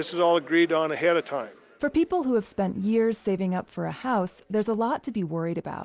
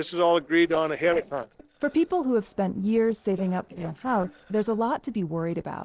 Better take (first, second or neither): first